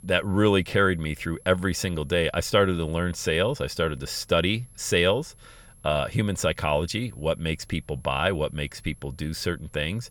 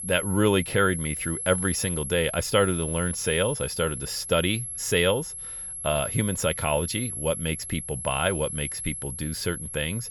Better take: first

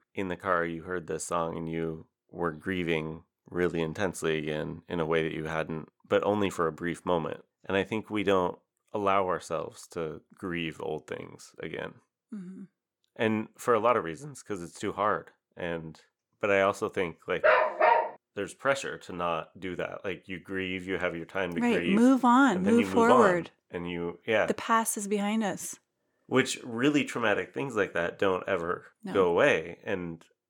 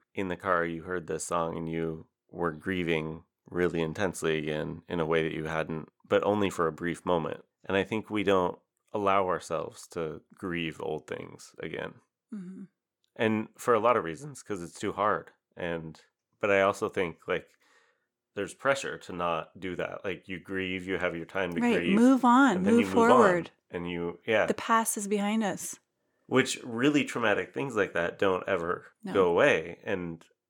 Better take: second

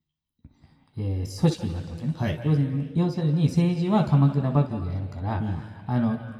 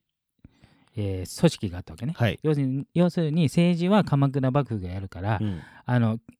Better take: second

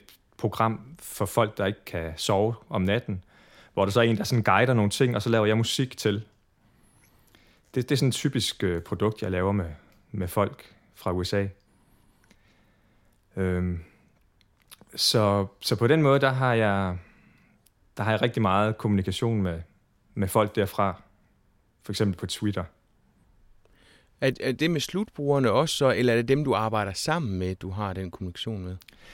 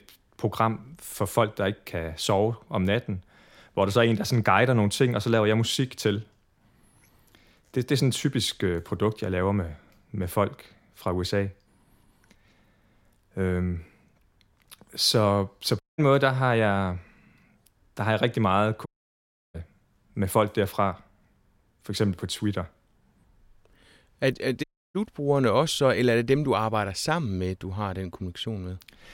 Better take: first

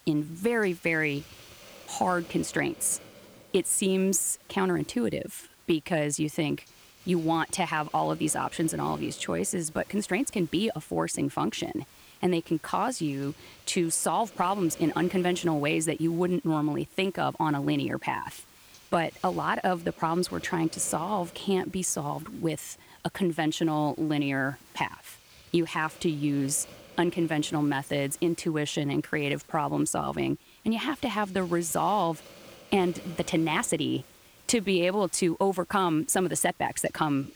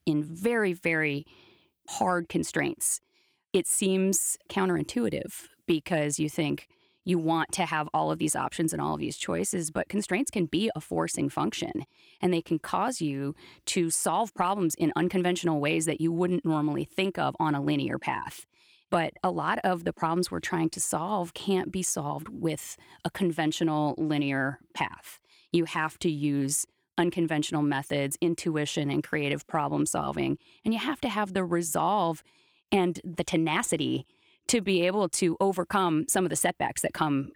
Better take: second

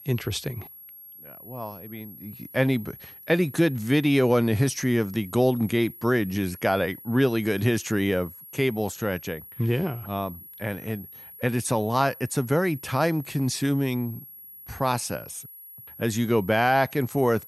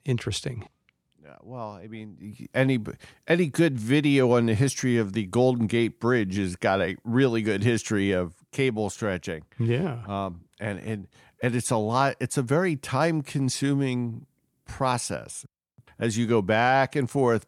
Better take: second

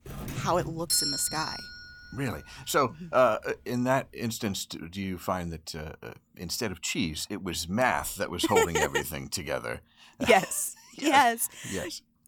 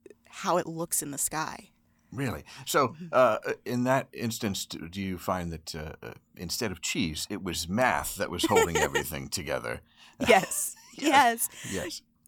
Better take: second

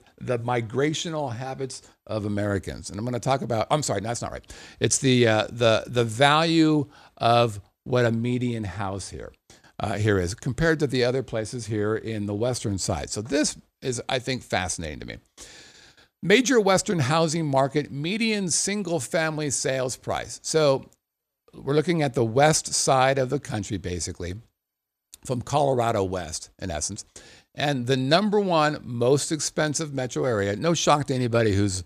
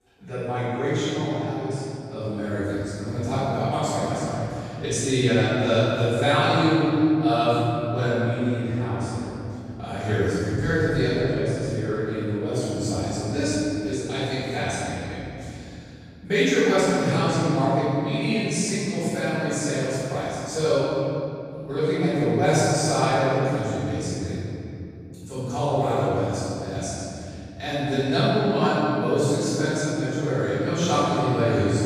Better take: first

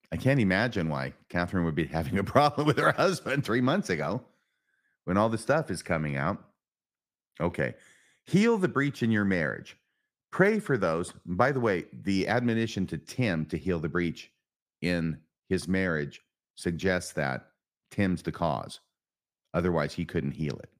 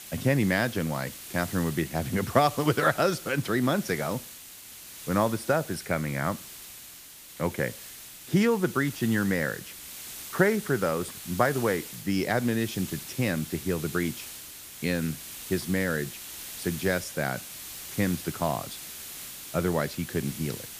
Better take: first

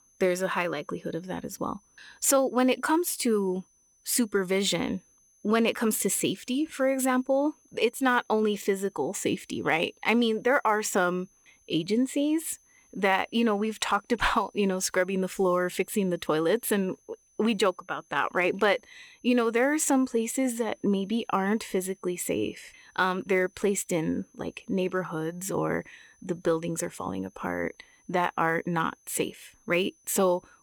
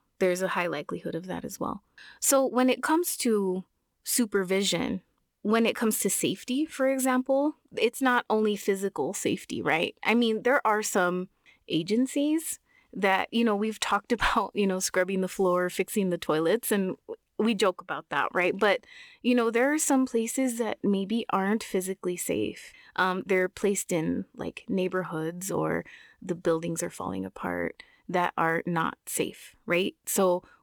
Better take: second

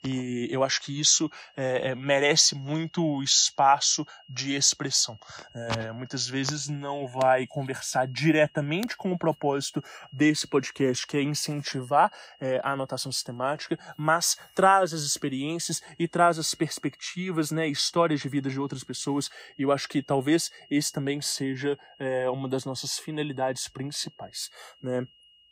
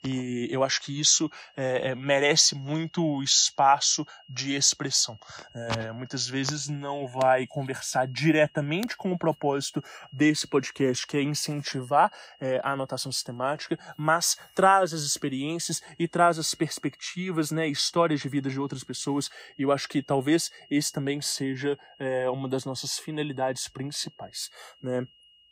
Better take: neither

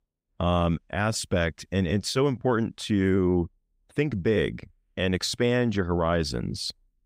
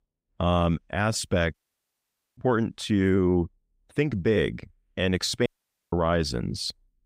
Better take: first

